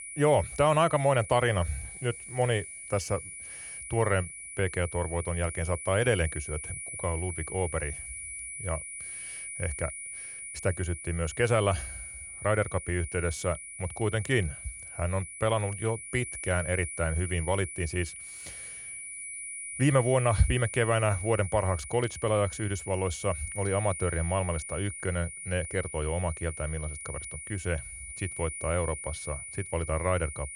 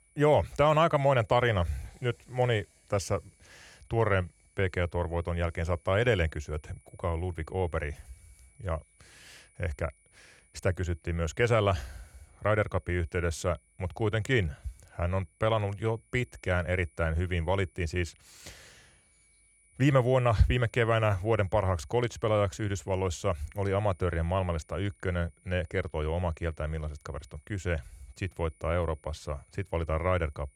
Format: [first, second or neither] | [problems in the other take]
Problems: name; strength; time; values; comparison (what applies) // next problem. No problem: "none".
second | high-pitched whine; loud; throughout; 2.5 kHz, 8 dB below the speech; faint in the second